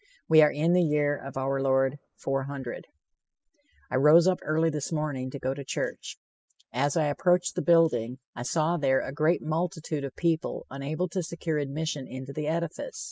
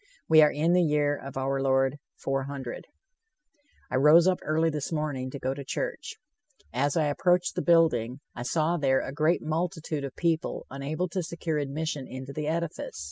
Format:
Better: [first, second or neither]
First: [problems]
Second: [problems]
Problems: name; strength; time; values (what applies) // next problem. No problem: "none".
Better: second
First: noise reduction (neural mask model Resemble Enhance denoiser)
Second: none